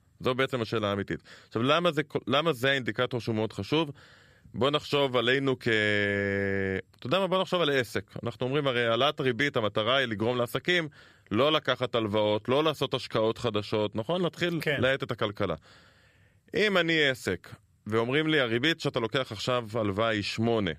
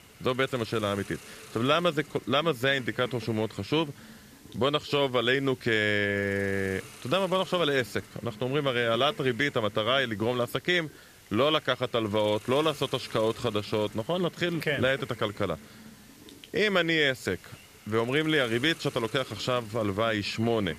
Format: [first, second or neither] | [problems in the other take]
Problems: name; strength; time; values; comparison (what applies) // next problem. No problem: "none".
first | hiss; noticeable; throughout; 20 dB below the speech